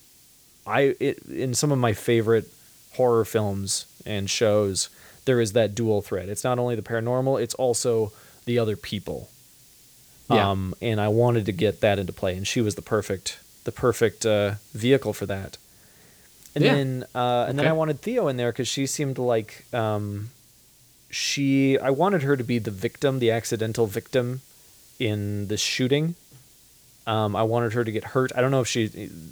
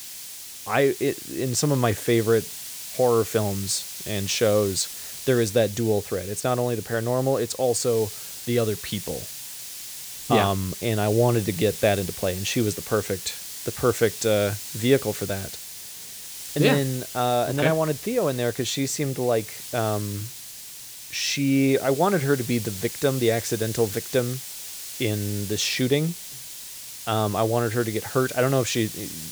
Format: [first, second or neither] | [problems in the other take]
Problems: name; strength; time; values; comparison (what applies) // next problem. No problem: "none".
first | hiss; loud; throughout; 10 dB below the speech; faint in the first